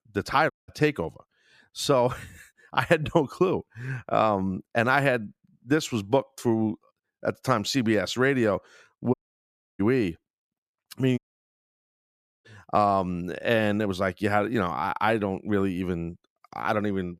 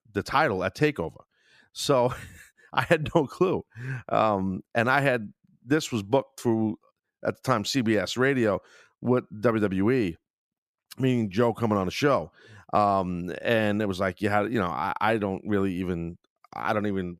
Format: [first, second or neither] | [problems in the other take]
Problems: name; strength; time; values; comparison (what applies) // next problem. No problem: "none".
second | audio cutting out; at 0.5 s, at 9 s for 0.5 s and at 11 s for 1.5 s